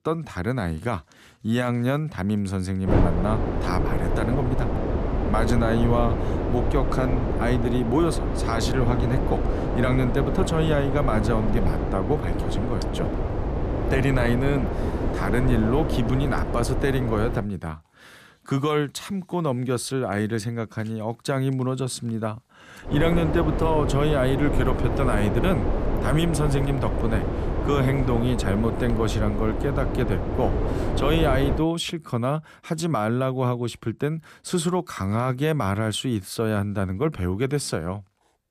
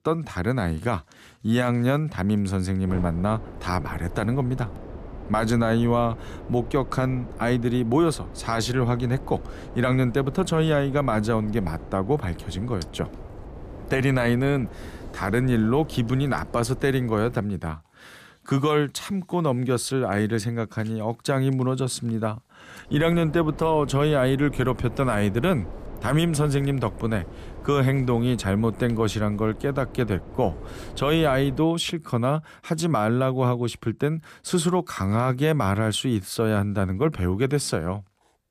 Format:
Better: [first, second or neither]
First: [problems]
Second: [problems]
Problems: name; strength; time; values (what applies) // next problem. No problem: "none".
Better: second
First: wind noise on the microphone; heavy; from 3 to 17 s and from 23 to 32 s; 3 dB below the speech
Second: wind noise on the microphone; occasional gusts; from 3 to 17 s and from 23 to 32 s; 15 dB below the speech